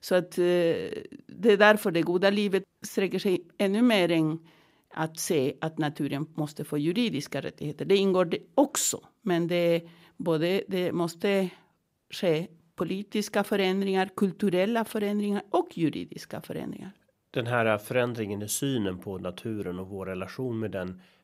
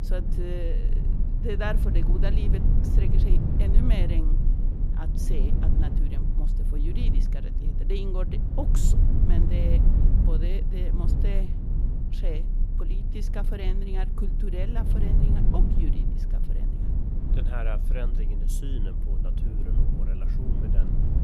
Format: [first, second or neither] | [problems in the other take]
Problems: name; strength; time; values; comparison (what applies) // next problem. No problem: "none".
first | low rumble; loud; throughout; 2 dB below the speech